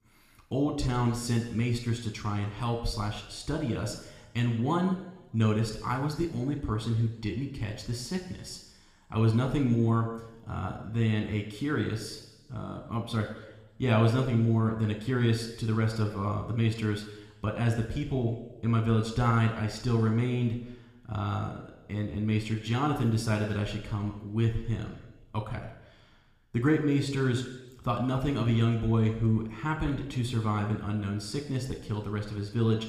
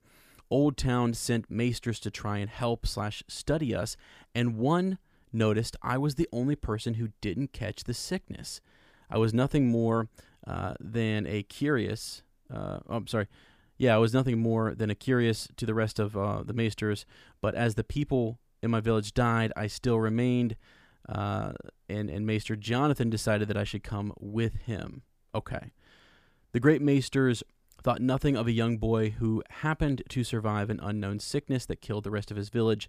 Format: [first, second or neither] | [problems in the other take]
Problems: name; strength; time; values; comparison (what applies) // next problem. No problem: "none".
second | room echo; slight; dies away in 1 s